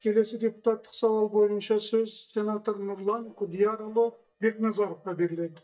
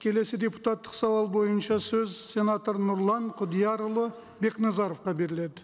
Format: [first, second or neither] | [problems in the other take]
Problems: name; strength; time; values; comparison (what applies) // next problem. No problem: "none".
second | noise reduction (neural mask model DeepFilterNet 3)